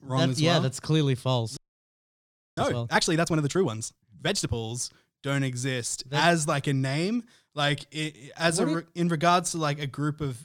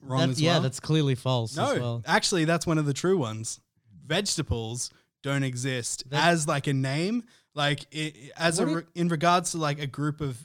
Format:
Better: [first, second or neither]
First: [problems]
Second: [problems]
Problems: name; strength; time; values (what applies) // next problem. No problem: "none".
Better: second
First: audio freezing; at 1.5 s for 1 s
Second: none